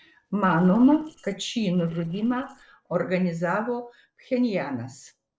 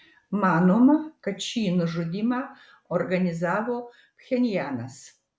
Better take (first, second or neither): second